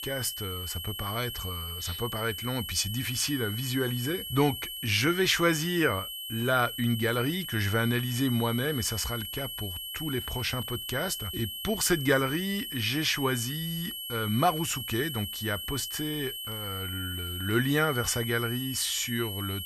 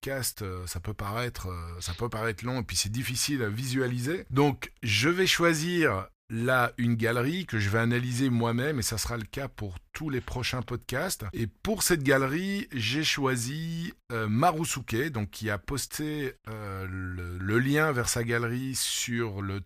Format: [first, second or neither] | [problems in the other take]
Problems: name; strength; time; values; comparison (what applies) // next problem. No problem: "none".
second | high-pitched whine; loud; throughout; 3 kHz, 6 dB below the speech